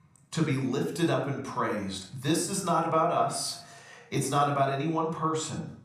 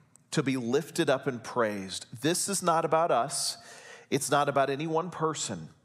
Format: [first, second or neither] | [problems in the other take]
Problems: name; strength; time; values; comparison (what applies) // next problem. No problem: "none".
second | off-mic speech; somewhat distant // room echo; slight; dies away in 0.5 s